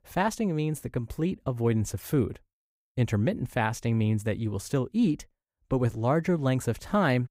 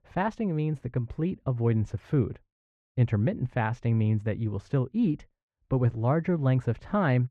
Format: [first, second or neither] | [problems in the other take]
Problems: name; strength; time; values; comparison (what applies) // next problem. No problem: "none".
first | muffled; very; fading above 2.5 kHz